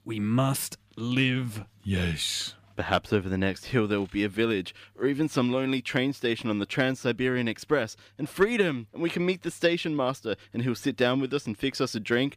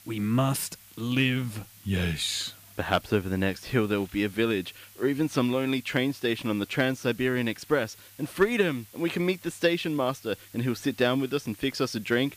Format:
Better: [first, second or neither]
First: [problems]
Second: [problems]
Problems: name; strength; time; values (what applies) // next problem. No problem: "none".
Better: first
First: none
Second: hiss; faint; throughout; 20 dB below the speech